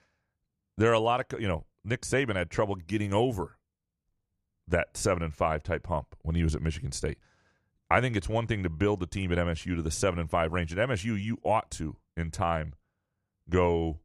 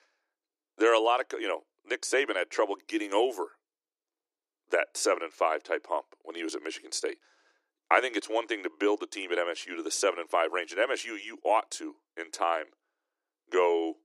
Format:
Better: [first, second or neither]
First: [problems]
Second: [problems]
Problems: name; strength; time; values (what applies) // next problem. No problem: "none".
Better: first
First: none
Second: thin; very; fading below 300 Hz